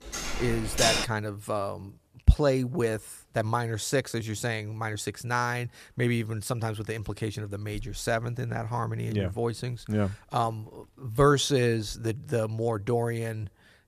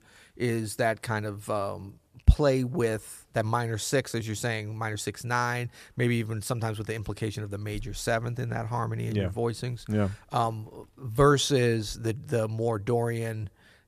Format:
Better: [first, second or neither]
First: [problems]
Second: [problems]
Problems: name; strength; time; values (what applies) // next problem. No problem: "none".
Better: second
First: door banging; loud; until 1 s; peak 5 dB above the speech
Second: none